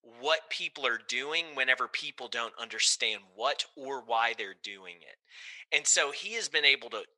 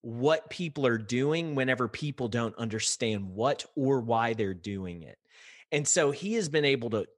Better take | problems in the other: second | thin; very; fading below 850 Hz

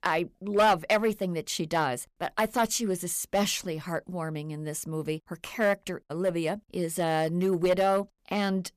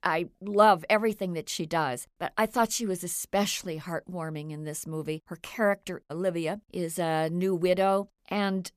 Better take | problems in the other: second | distortion; slight; 3% of the sound clipped

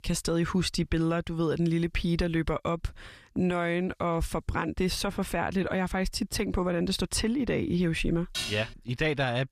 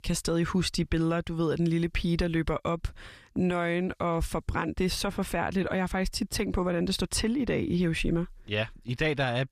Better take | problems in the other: second | clattering dishes; noticeable; at 8.5 s; peak 4 dB below the speech

